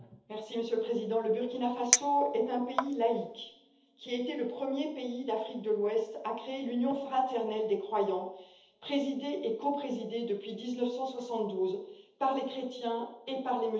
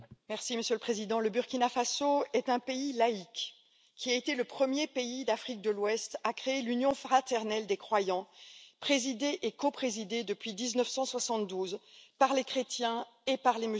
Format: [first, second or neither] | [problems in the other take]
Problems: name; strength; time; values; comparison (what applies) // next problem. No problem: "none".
second | background sound (Chink, clink); 2 dB below the speech // room echo; dies away in 0.8 s